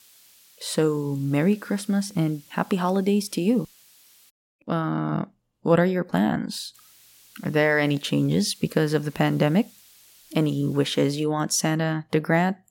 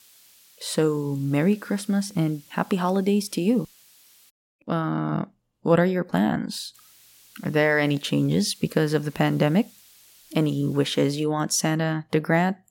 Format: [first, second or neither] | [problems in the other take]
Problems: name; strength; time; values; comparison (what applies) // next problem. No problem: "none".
neither | hiss; faint; until 4.5 s and from 6.5 to 11 s; 25 dB below the speech; the same in both